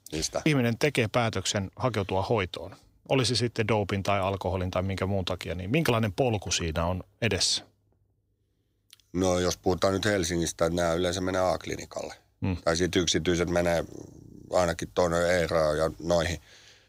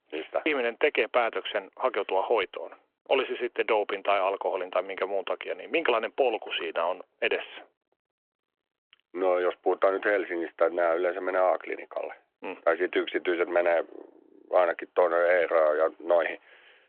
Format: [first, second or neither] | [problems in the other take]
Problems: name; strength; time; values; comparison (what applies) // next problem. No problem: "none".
first | phone-call audio